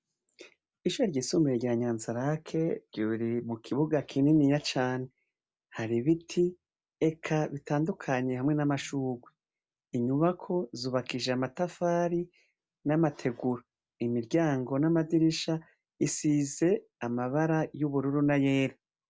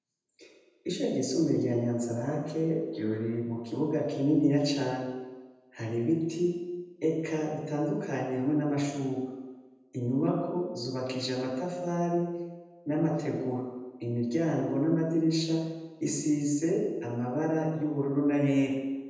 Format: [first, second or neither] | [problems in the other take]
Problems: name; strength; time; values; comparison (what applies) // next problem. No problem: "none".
first | room echo; dies away in 1 s